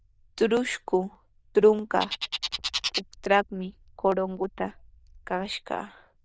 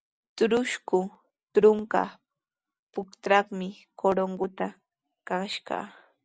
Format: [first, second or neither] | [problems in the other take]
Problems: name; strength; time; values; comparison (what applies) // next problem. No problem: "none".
second | noise reduction (neural diffusion model UNIVERSE++)